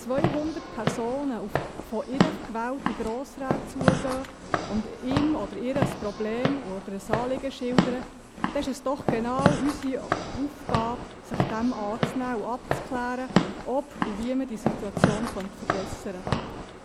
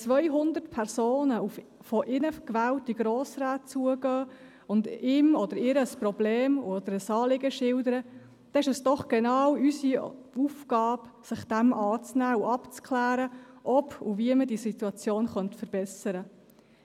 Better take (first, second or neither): second